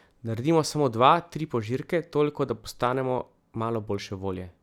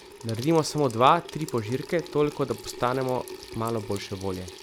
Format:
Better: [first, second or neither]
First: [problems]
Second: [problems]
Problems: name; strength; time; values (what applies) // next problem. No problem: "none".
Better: first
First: none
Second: background sound (Sink (filling or washing) / Water tap, faucet); 15 dB below the speech